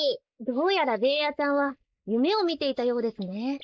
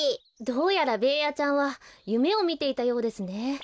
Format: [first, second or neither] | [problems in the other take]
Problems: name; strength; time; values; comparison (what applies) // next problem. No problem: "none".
second | noise reduction (neural mask model Resemble Enhance denoiser)